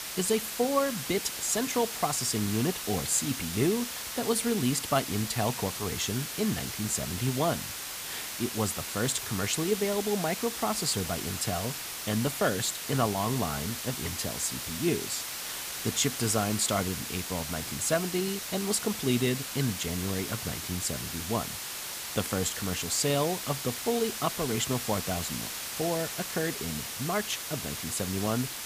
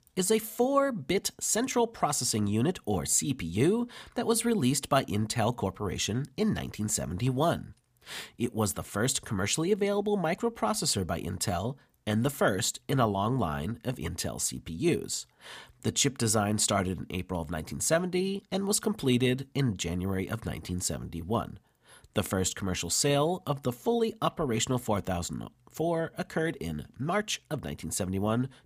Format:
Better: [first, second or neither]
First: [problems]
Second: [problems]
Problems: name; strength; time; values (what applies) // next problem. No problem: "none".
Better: second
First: hiss; loud; throughout; 4 dB below the speech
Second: none